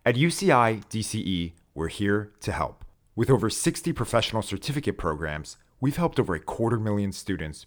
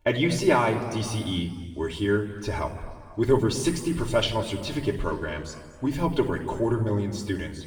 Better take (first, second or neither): first